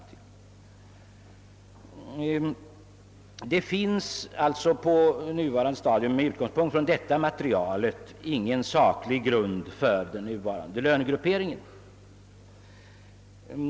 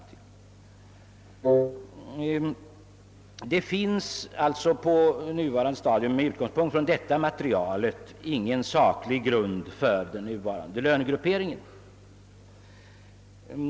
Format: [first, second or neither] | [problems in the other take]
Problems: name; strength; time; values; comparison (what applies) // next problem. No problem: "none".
first | background sound (Wind instrument, woodwind instrument); 3 dB above the speech